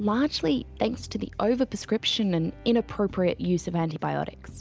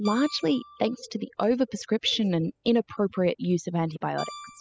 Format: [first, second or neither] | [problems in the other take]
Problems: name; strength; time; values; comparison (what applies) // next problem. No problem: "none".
first | noise reduction (classical method spectral subtraction)